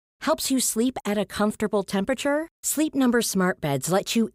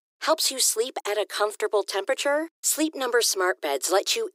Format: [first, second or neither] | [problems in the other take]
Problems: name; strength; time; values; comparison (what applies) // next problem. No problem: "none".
first | thin; very; fading below 300 Hz